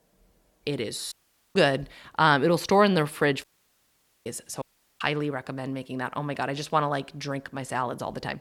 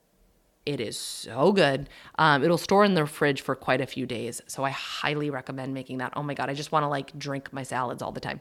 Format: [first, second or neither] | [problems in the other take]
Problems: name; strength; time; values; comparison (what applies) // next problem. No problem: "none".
second | audio cutting out; at 1 s, at 3.5 s for 1 s and at 4.5 s